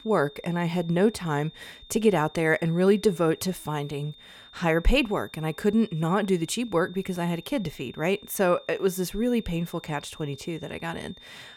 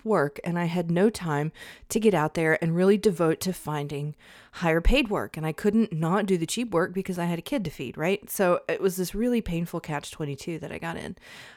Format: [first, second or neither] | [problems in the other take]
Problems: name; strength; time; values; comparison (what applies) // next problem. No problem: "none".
second | high-pitched whine; faint; throughout; 3.5 kHz, 20 dB below the speech